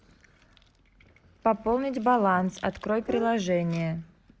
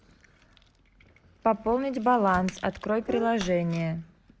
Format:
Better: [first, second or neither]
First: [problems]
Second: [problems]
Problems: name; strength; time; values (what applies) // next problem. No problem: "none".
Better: first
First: none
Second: background sound (Slam + Clapping); 18 dB below the speech